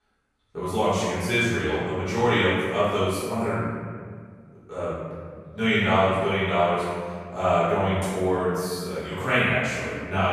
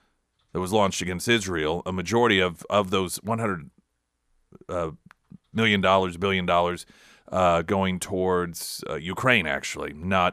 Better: second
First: off-mic speech; far // room echo; strong; dies away in 1.8 s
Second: none

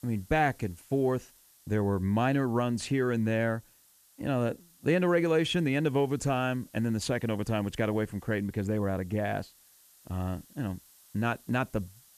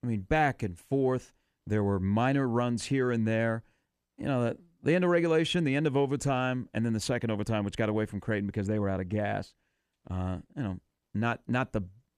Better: second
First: hiss; faint; throughout; 25 dB below the speech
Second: none

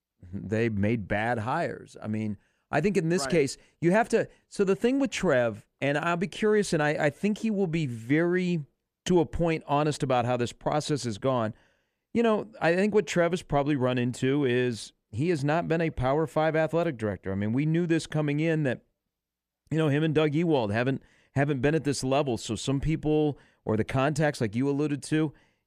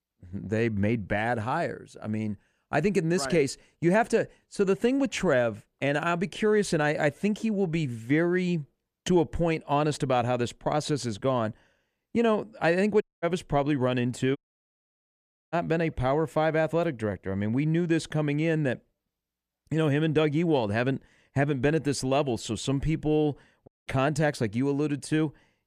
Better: first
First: none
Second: audio cutting out; at 13 s, at 14 s for 1 s and at 24 s

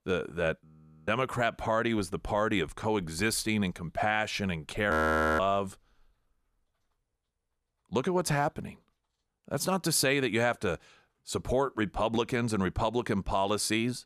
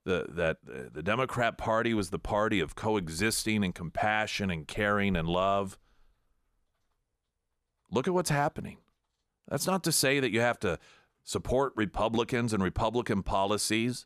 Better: second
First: audio freezing; at 0.5 s and at 5 s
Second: none

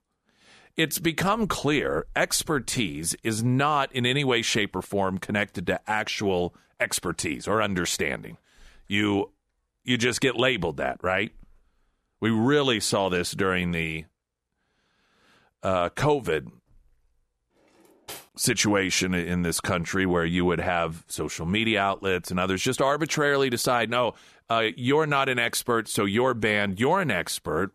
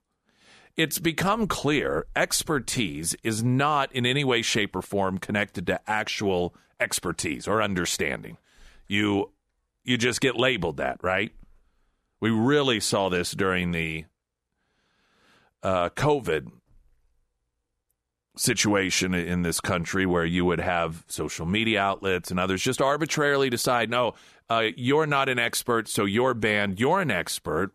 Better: second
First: clattering dishes; faint; at 18 s; peak 15 dB below the speech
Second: none

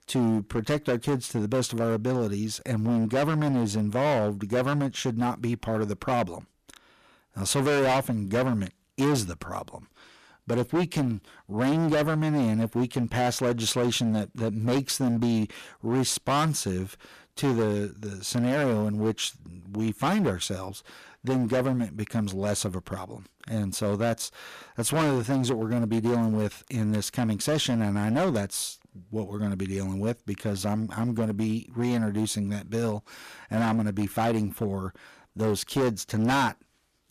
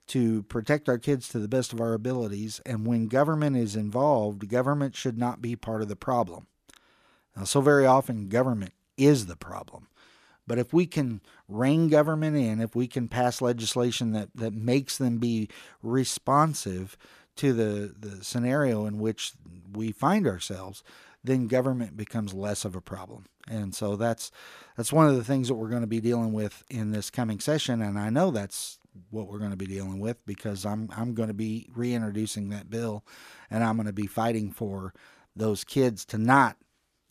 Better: second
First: distortion; heavy; 13% of the sound clipped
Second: none

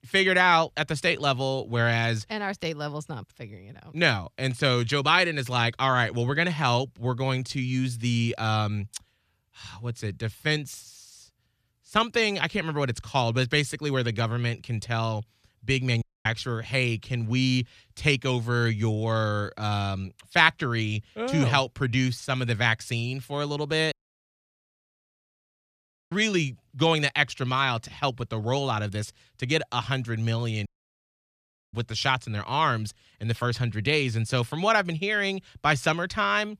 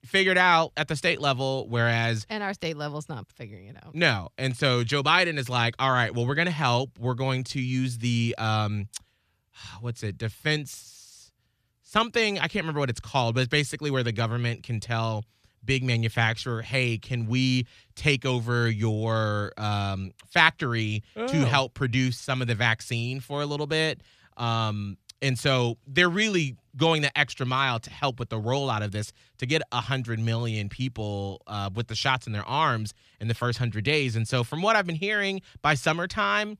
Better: second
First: audio cutting out; at 16 s, at 24 s for 2 s and at 31 s for 1 s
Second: none

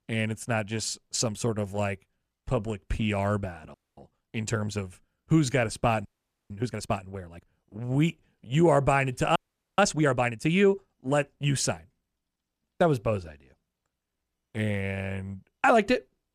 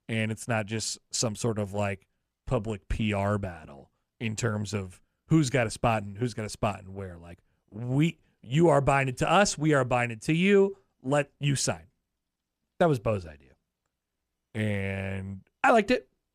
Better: second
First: audio freezing; at 3.5 s, at 6 s and at 9.5 s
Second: none

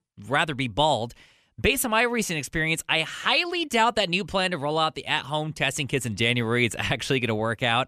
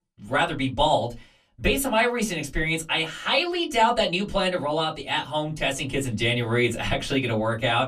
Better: first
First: none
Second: off-mic speech; far // room echo; very slight; dies away in 0.2 s

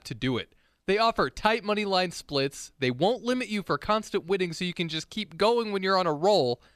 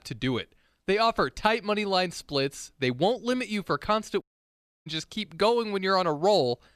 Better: first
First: none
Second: audio cutting out; at 4 s for 0.5 s

